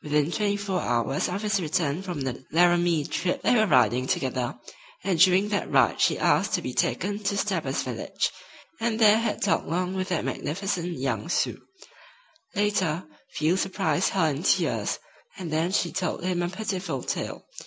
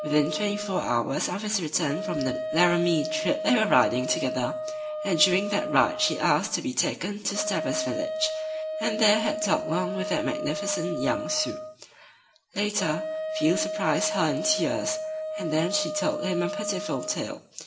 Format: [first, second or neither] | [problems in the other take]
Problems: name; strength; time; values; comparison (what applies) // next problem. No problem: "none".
first | background sound (Wind instrument, woodwind instrument); 6 dB below the speech // room echo; dies away in 0.4 s